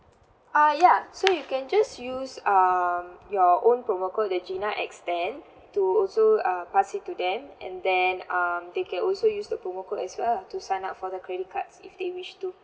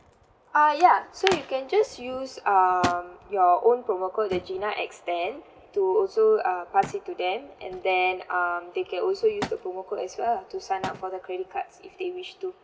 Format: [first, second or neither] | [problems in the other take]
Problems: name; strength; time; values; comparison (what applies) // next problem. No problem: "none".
first | background sound (Thump, thud); 17 dB below the speech